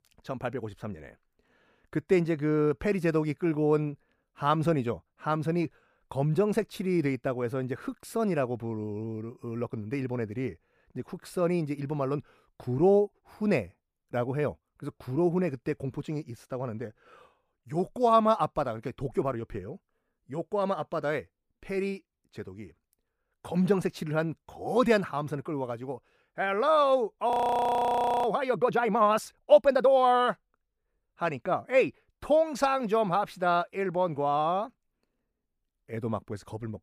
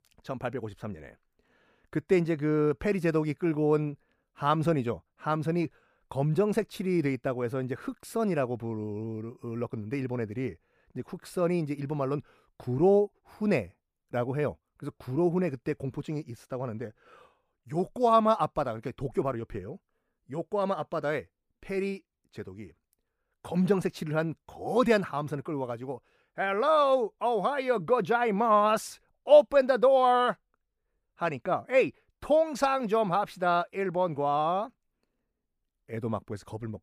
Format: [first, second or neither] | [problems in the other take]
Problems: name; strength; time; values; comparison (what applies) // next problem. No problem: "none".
second | audio freezing; at 27 s for 1 s